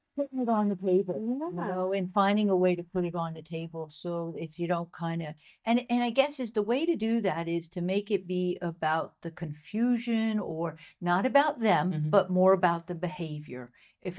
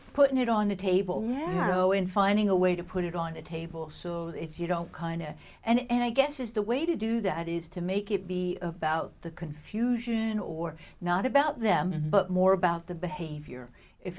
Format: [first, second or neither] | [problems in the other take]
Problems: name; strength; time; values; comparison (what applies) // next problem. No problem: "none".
second | noise reduction (neural mask model DeepFilterNet 3)